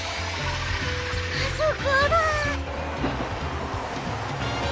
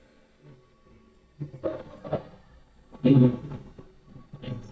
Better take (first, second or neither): first